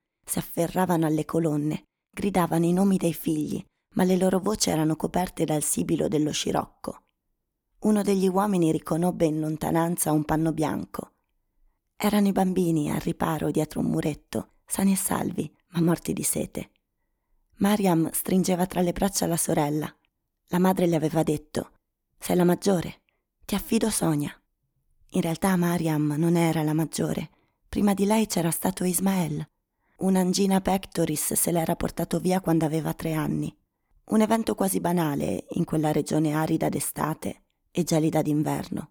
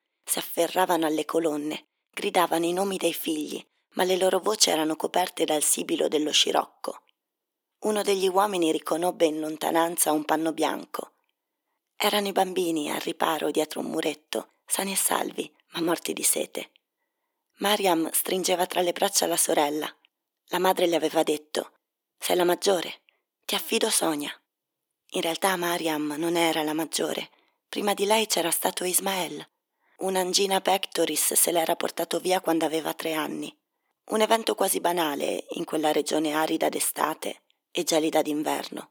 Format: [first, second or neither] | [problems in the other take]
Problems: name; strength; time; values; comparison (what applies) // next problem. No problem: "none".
first | thin; somewhat; fading below 350 Hz